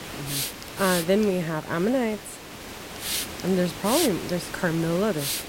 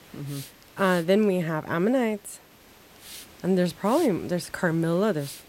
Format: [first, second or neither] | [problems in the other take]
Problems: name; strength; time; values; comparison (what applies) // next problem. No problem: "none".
second | hiss; loud; throughout; 6 dB below the speech; faint in the second